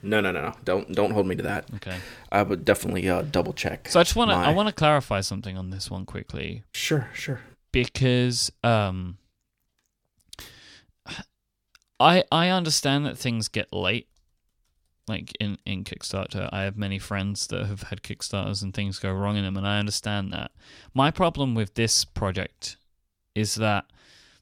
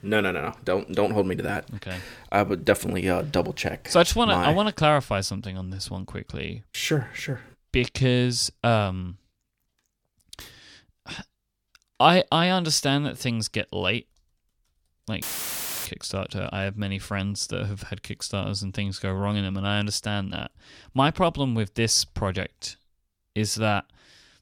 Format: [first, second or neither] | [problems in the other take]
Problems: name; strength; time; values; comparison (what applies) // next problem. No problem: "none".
first | audio cutting out; filled with static; at 15 s for 0.5 s